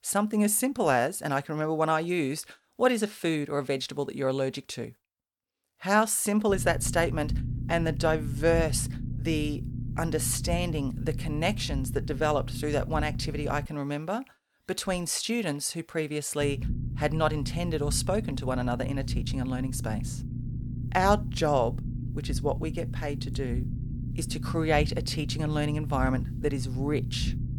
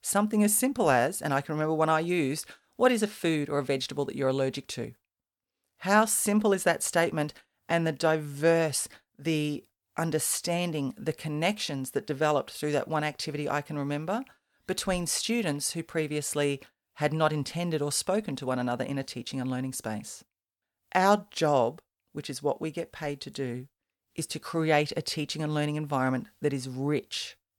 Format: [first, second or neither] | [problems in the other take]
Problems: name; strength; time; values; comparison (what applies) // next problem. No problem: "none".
second | low rumble; noticeable; from 6.5 to 14 s and from 16 s on; 15 dB below the speech